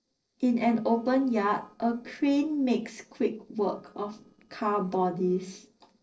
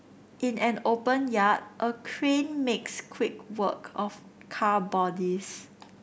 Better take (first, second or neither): second